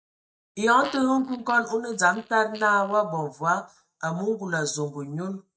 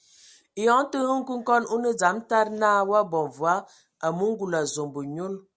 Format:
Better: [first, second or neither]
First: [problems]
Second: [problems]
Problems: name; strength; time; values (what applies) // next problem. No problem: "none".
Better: second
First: noise reduction (neural mask model DeepFilterNet 3)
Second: none